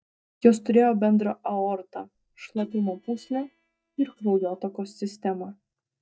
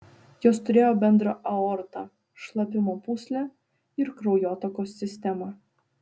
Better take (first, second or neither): second